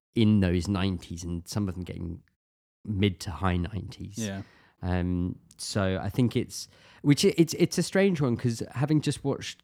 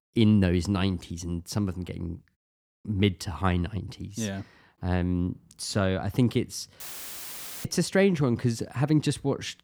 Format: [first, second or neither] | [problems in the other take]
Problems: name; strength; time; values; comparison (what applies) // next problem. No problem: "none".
first | audio cutting out; filled with static; at 7 s for 1 s